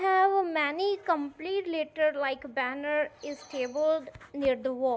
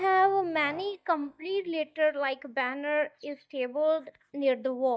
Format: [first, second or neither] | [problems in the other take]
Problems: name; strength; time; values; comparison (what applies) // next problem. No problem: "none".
first | noise reduction (neural mask model DeepFilterNet 3)